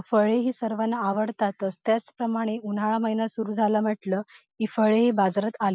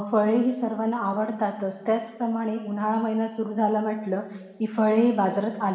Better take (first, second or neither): first